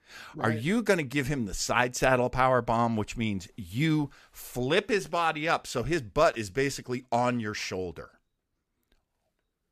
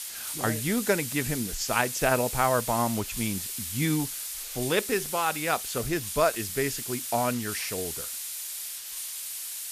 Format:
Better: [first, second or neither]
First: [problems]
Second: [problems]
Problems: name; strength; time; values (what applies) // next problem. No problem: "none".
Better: first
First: none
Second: hiss; loud; throughout; 4 dB below the speech